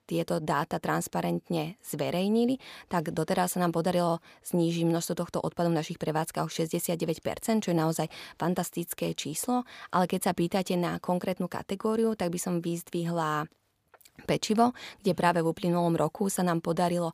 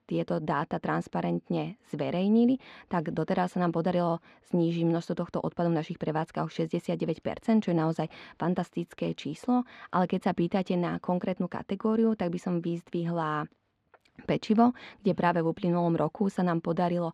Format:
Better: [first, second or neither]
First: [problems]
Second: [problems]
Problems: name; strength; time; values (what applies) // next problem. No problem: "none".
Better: first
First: none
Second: muffled; slightly; fading above 3 kHz